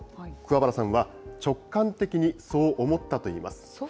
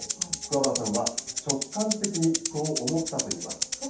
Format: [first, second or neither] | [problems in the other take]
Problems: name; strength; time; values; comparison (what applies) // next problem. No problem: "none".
first | background sound (Rattle (instrument)); 2 dB below the speech // room echo; dies away in 0.7 s